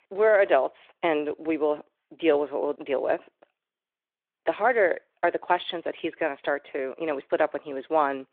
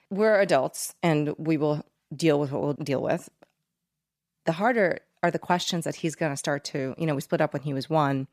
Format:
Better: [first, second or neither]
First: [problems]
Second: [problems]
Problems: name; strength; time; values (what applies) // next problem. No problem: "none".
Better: second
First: phone-call audio; nothing above 3.5 kHz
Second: none